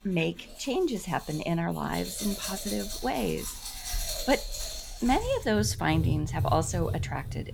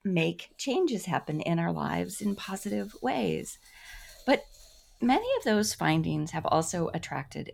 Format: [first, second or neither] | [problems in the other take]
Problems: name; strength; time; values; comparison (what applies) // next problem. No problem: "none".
second | household noises; loud; throughout; 5 dB below the speech; faint in the second